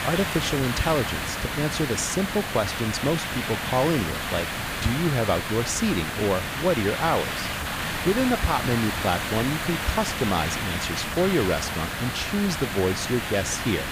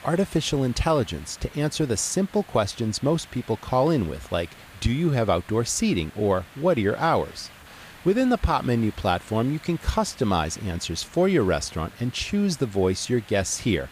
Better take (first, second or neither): second